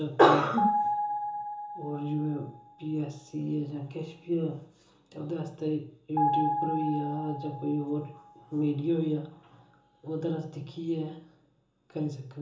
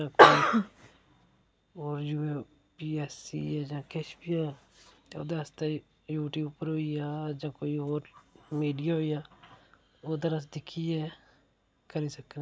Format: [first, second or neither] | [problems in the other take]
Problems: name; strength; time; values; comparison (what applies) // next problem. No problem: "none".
second | background sound (Piano); 3 dB below the speech // room echo; dies away in 0.6 s